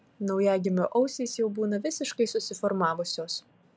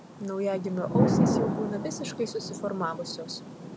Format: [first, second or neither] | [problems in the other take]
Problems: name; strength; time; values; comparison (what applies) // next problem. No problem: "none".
first | background sound (Thunder / Rain); 3 dB above the speech